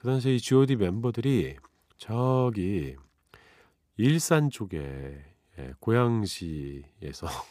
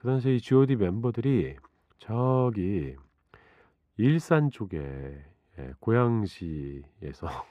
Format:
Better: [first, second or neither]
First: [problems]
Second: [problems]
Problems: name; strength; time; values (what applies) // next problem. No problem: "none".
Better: first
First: none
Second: muffled; slightly; fading above 3.5 kHz